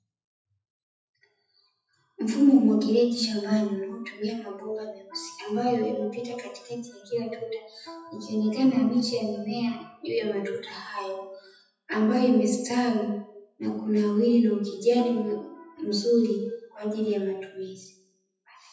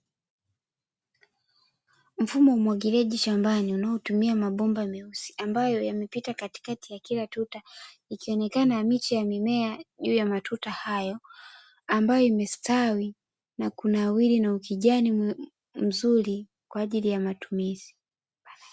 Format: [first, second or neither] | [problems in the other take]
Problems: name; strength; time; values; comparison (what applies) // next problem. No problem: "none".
second | noise reduction (classical method WPE with log-MMSE)